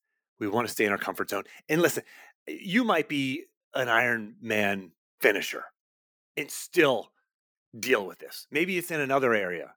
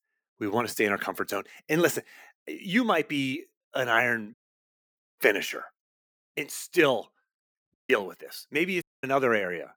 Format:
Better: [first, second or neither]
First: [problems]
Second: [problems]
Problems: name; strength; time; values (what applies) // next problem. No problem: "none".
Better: first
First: none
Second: audio cutting out; at 4.5 s for 0.5 s, at 7.5 s and at 9 s